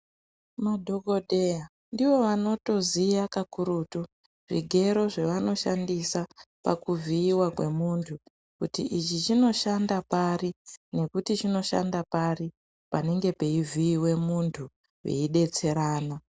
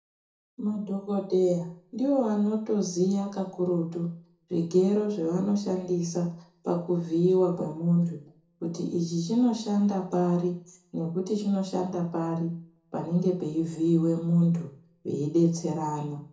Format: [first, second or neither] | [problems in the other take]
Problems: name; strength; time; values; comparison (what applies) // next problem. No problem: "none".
first | room echo; dies away in 0.5 s